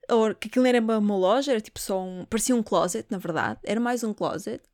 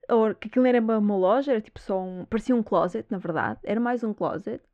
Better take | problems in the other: first | muffled; very; fading above 2 kHz

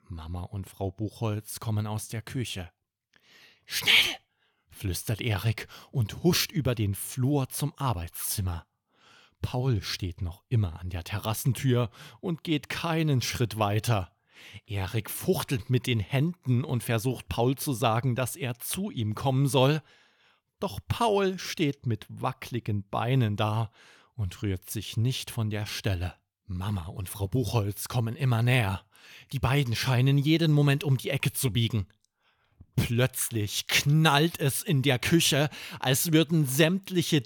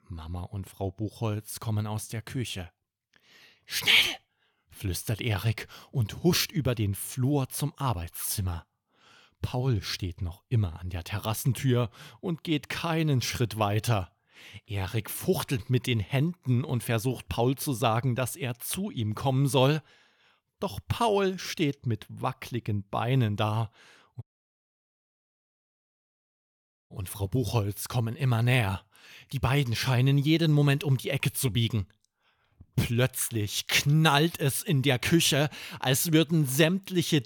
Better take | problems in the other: first | audio cutting out; at 24 s for 2.5 s

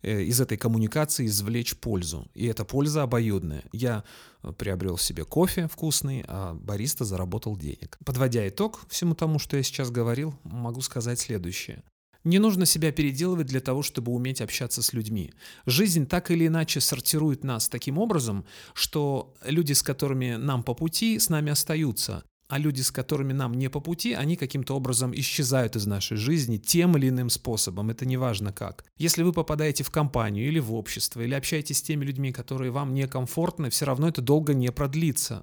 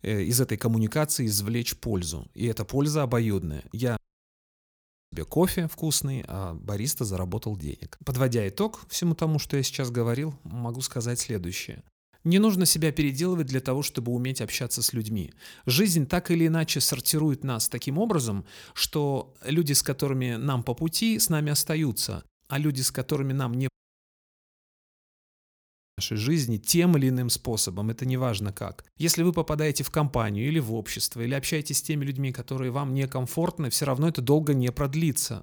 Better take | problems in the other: first | audio cutting out; at 4 s for 1 s and at 24 s for 2.5 s

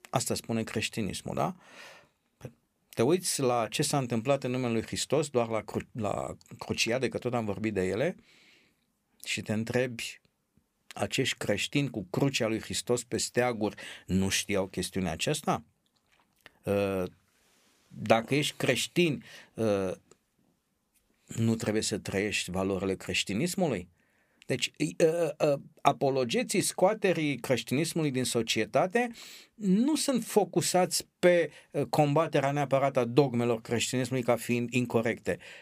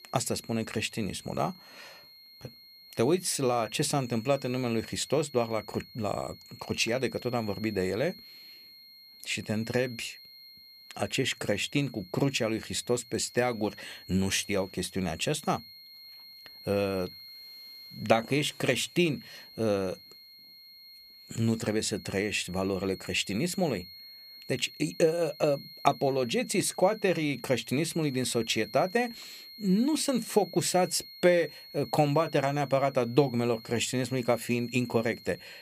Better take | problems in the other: first | high-pitched whine; noticeable; throughout; 4 kHz, 20 dB below the speech

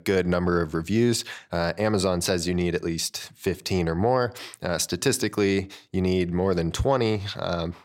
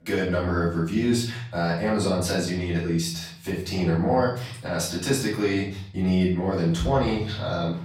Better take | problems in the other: first | off-mic speech; far // room echo; noticeable; dies away in 0.6 s

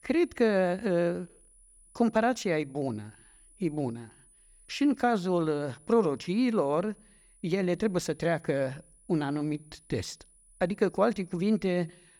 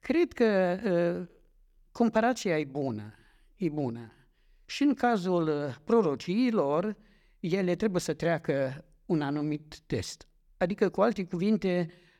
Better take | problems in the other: second | high-pitched whine; faint; throughout; 10 kHz, 30 dB below the speech

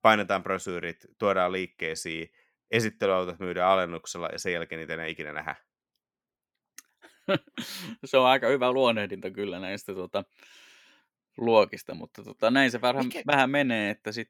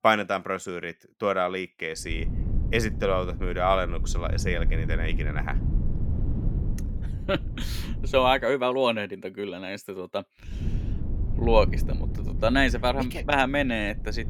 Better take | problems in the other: first | low rumble; noticeable; from 2 to 8.5 s and from 11 s on; 20 dB below the speech

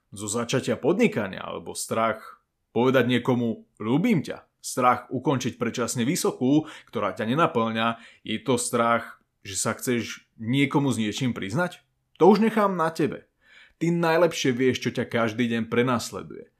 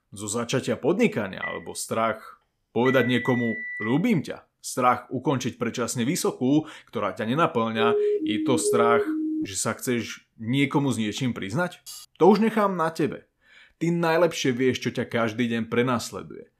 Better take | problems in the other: first | phone ringing; noticeable; from 1.5 to 4 s; peak 5 dB below the speech // siren; loud; from 8 to 9.5 s; peak 2 dB above the speech // clattering dishes; faint; at 12 s; peak 15 dB below the speech

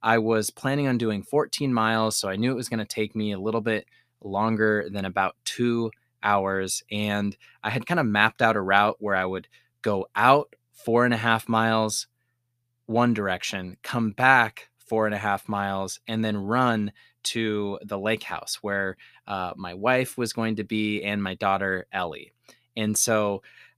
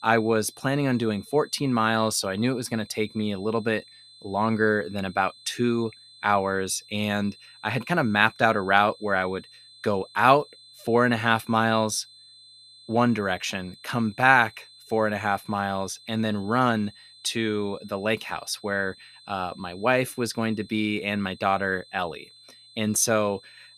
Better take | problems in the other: first | high-pitched whine; faint; throughout; 4 kHz, 25 dB below the speech

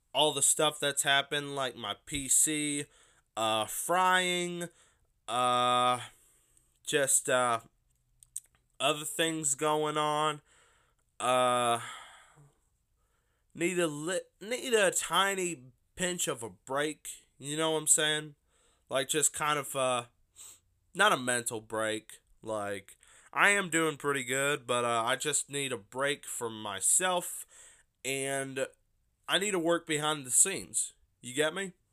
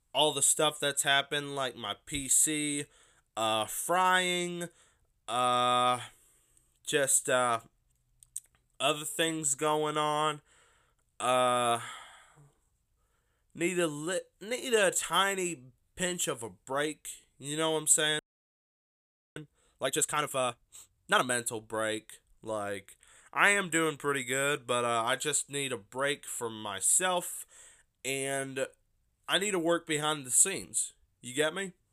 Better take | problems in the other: first | audio freezing; at 18 s for 1 s

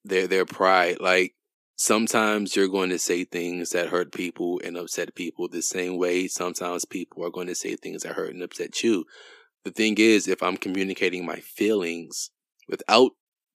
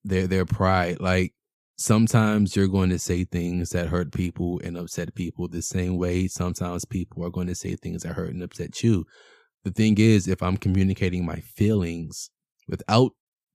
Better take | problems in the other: second | thin; somewhat; fading below 300 Hz

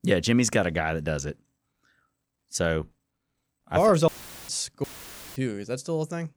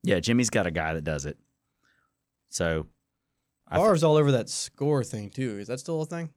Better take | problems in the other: second | audio cutting out; filled with static; at 4 s and at 5 s for 0.5 s

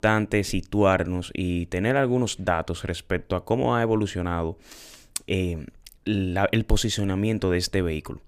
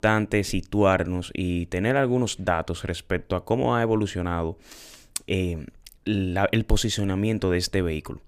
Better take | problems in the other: neither | none

